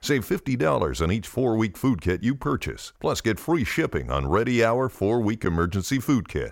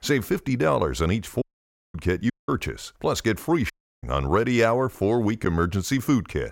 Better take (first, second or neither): first